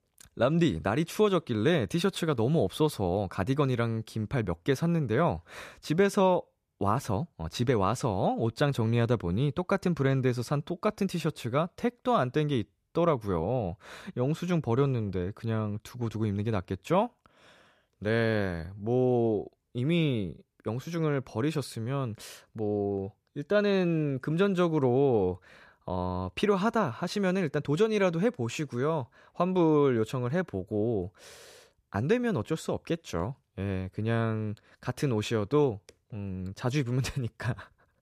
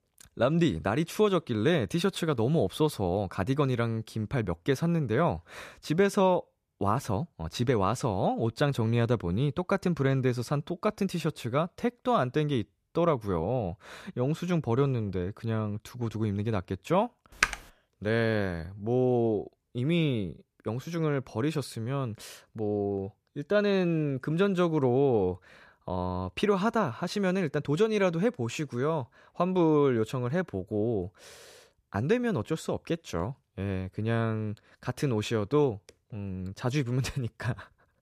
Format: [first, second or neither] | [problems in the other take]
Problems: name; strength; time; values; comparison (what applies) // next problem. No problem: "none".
first | keyboard typing; loud; at 17 s; peak level with the speech